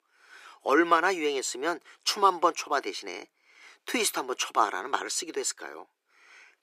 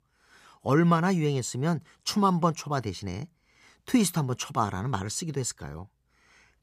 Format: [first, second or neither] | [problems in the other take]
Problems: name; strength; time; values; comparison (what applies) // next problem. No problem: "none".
second | thin; very; fading below 350 Hz